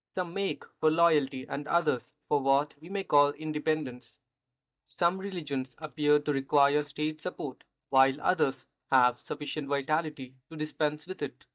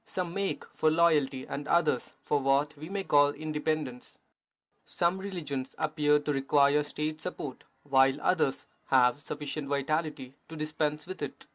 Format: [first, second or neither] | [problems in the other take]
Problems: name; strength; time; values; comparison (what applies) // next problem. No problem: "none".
second | noise reduction (neural mask model DeepFilterNet 3)